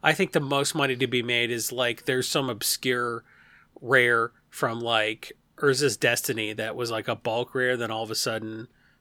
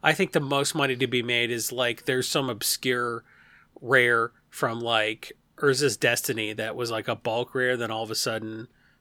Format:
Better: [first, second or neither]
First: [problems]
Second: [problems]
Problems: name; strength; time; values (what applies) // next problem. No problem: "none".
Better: neither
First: none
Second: none